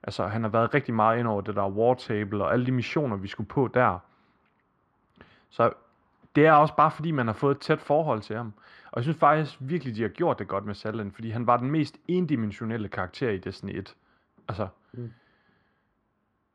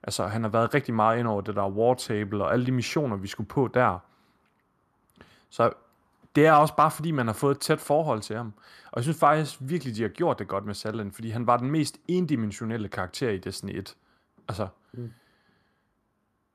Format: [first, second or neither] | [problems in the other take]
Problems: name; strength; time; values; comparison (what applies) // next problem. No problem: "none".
second | muffled; slightly; fading above 3 kHz